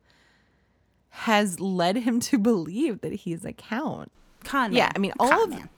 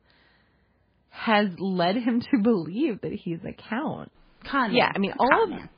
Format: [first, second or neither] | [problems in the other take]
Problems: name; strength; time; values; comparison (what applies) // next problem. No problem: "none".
first | garbled, watery; badly; nothing above 5 kHz